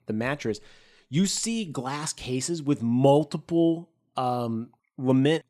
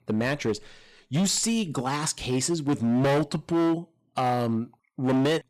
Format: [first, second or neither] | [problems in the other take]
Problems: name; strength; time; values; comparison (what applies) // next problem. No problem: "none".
first | distortion; heavy; 14% of the sound clipped